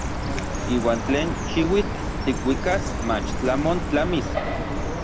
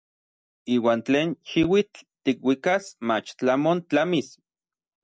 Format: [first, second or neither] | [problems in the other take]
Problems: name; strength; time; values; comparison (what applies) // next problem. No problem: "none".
second | background sound (Chirp, tweet); 1 dB below the speech